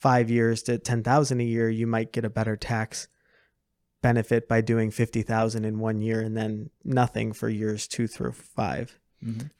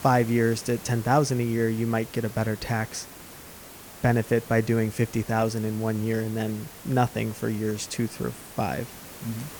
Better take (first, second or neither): first